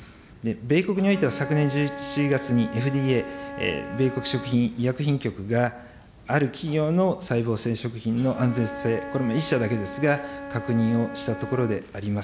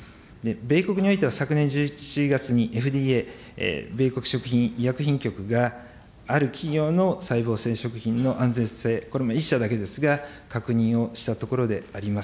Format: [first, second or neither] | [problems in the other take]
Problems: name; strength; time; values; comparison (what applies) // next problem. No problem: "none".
second | background sound (Wind instrument, woodwind instrument); 13 dB below the speech